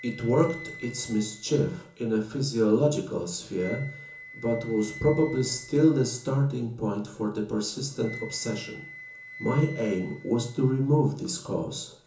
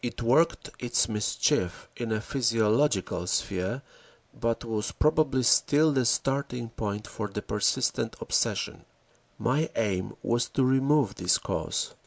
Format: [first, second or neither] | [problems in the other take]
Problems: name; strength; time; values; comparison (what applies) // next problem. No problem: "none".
second | background sound (Wind instrument, woodwind instrument); 19 dB below the speech // room echo; dies away in 0.7 s